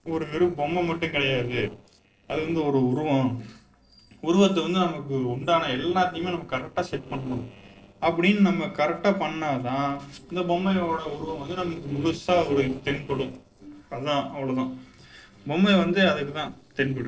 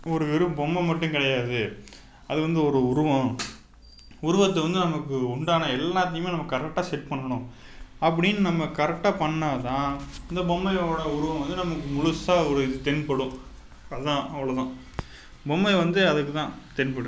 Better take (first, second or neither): second